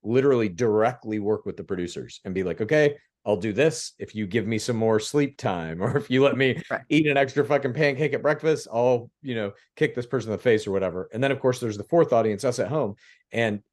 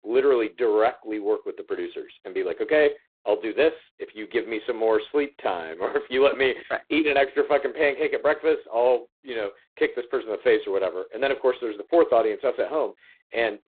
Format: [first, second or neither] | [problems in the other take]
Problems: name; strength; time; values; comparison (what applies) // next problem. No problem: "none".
first | phone-call audio; poor line; nothing above 4 kHz